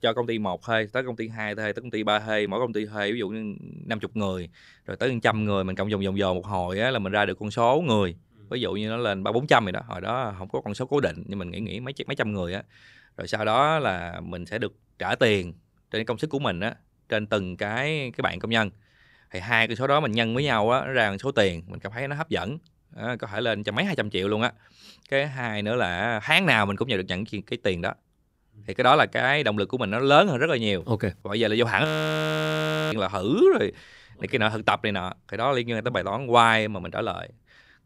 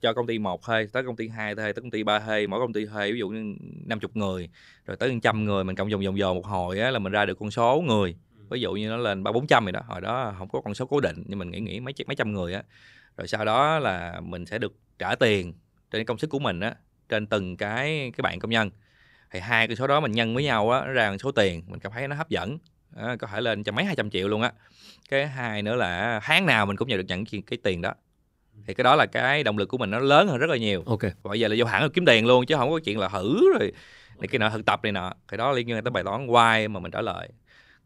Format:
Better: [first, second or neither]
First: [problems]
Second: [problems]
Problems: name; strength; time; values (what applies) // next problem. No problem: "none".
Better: second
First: audio freezing; at 32 s for 1 s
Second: none